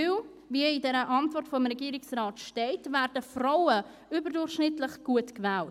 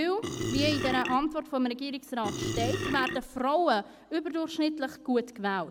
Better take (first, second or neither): first